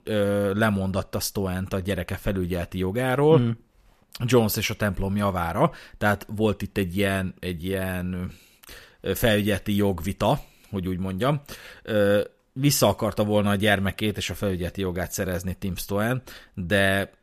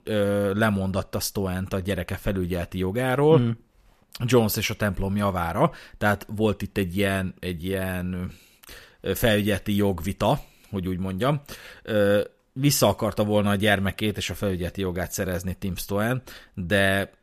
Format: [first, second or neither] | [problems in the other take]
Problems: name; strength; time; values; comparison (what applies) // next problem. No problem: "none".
neither | none